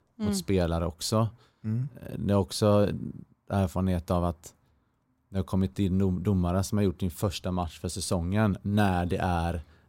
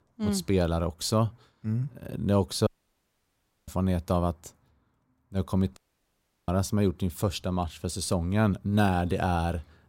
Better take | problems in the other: first | audio cutting out; at 2.5 s for 1 s and at 6 s for 0.5 s

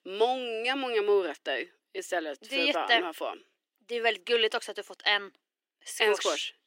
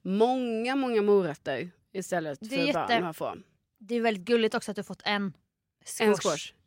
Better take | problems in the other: second | thin; somewhat; fading below 300 Hz

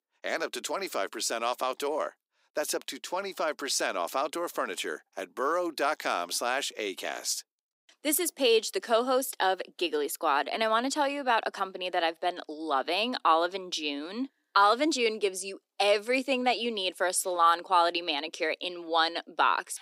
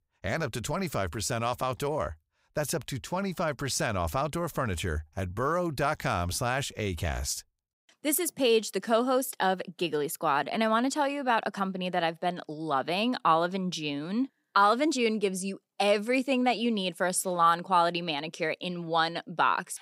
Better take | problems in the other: second | thin; somewhat; fading below 300 Hz

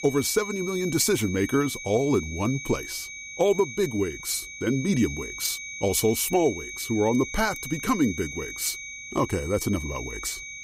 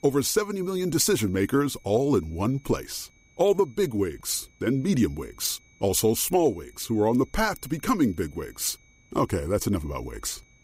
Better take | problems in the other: second | high-pitched whine; loud; throughout; 2.5 kHz, 9 dB below the speech; faint in the second

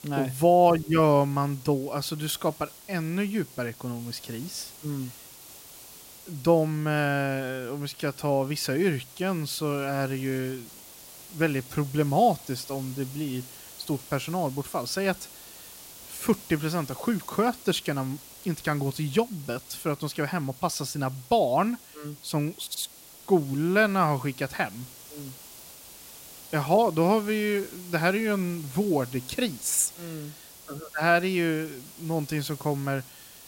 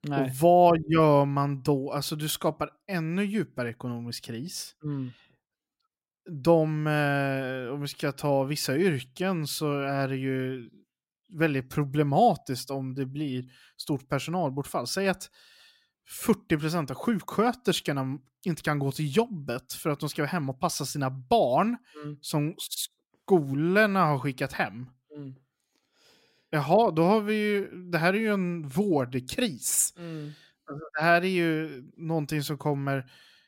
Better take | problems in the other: second | hiss; noticeable; throughout; 15 dB below the speech

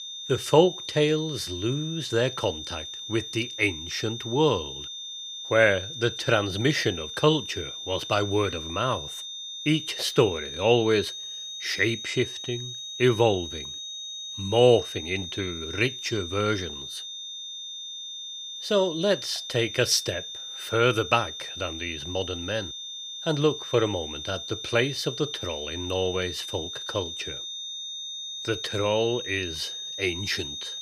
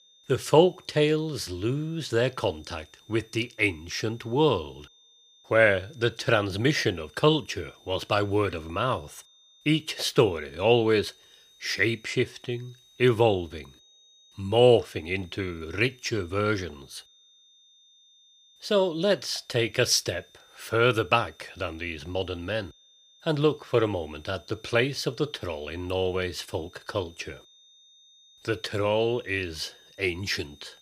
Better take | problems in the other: second | high-pitched whine; loud; throughout; 3.5 kHz, 8 dB below the speech; faint in the second

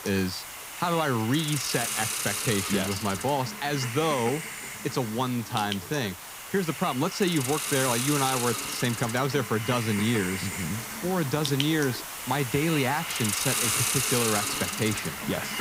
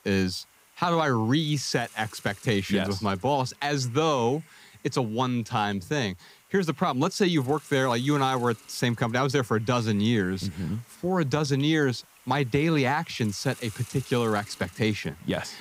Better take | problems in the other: second | hiss; loud; throughout; 2 dB below the speech; faint in the second

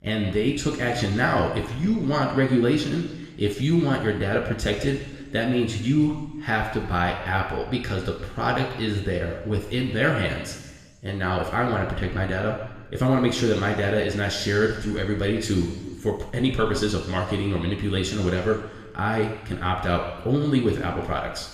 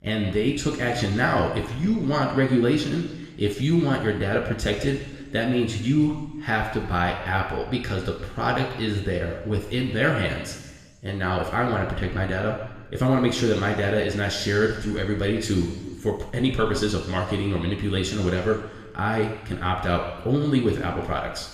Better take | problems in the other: neither | room echo; noticeable; dies away in 1.3 s; the same in both // off-mic speech; somewhat distant; the same in both

